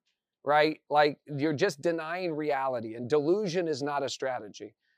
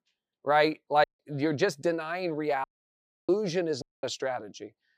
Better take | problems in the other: first | audio cutting out; at 1 s, at 2.5 s for 0.5 s and at 4 s

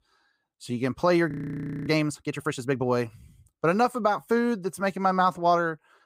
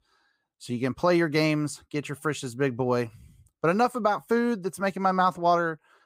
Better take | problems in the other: second | audio freezing; at 1.5 s for 0.5 s

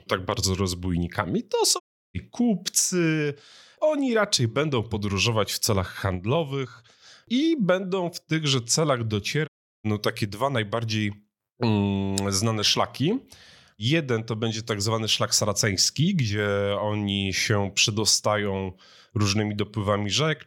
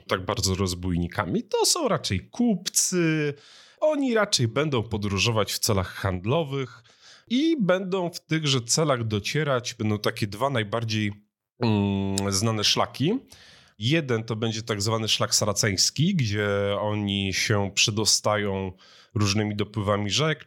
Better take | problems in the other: second | audio cutting out; at 2 s and at 9.5 s

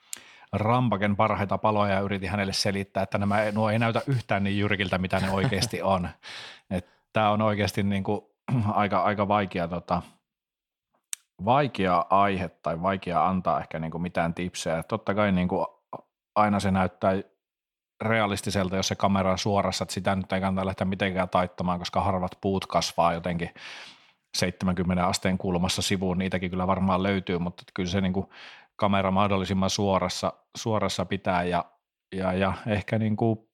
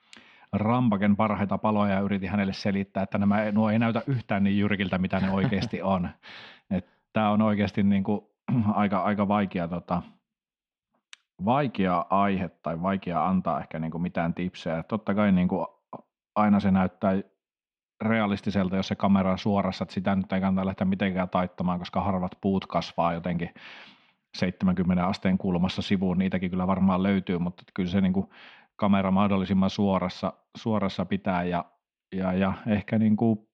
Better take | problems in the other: first | muffled; slightly; fading above 4 kHz

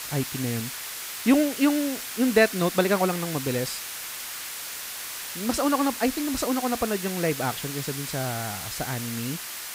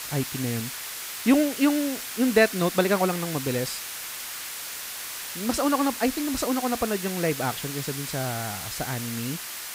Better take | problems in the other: neither | hiss; loud; throughout; 6 dB below the speech; the same in both

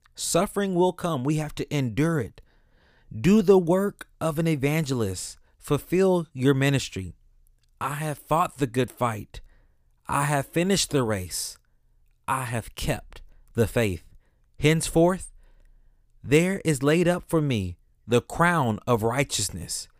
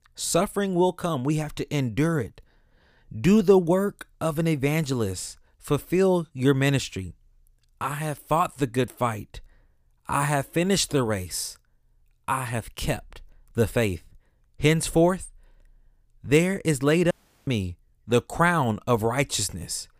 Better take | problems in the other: first | audio cutting out; at 17 s

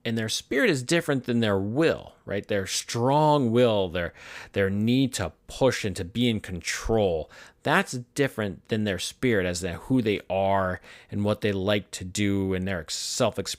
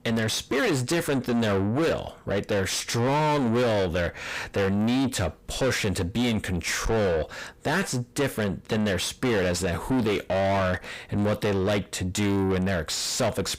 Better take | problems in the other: first | distortion; heavy; 6 dB below the speech

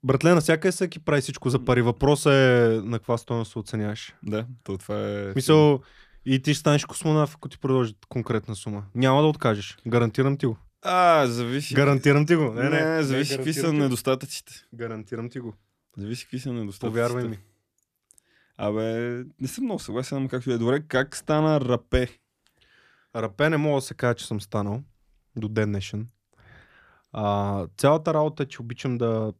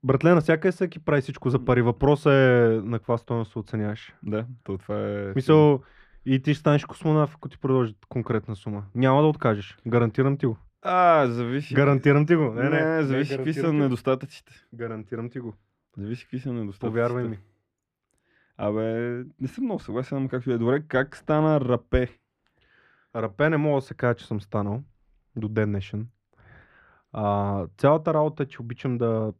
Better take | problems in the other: first | muffled; slightly; fading above 4 kHz

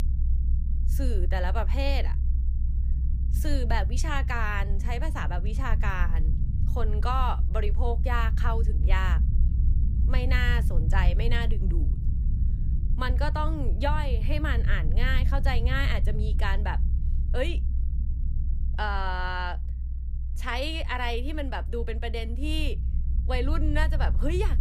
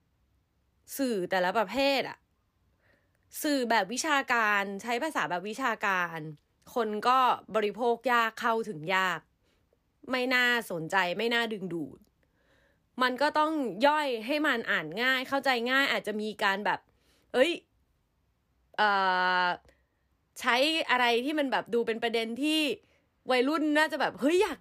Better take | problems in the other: second | low rumble; noticeable; throughout; 15 dB below the speech

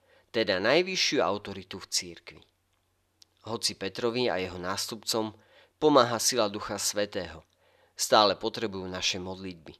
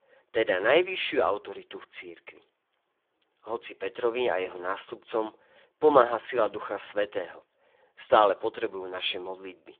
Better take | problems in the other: first | phone-call audio; poor line; nothing above 3.5 kHz

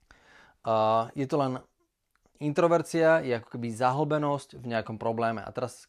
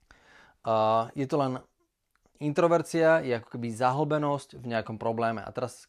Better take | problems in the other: neither | none

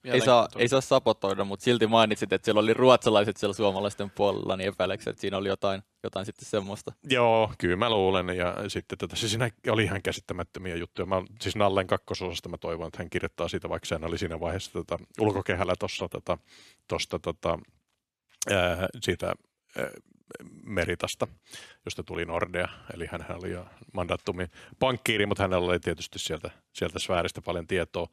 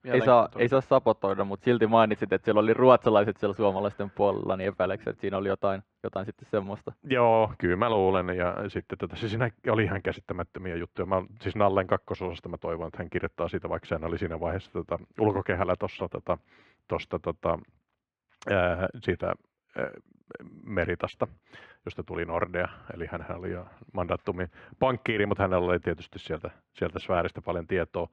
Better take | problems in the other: first | muffled; very; fading above 1.5 kHz

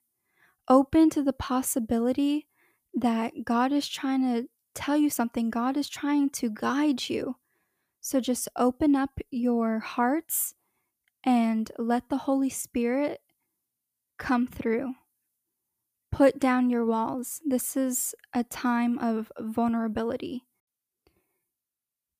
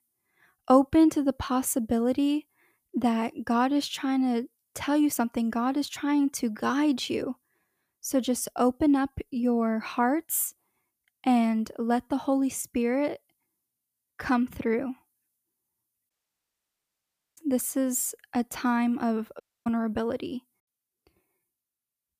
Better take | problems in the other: first | audio cutting out; at 16 s for 1.5 s and at 19 s

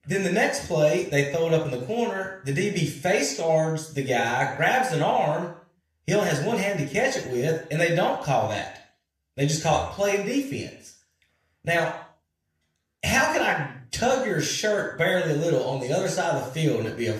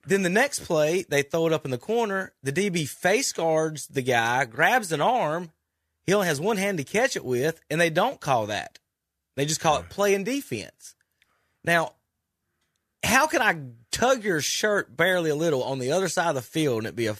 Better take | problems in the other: second | room echo; slight; dies away in 0.5 s // off-mic speech; somewhat distant

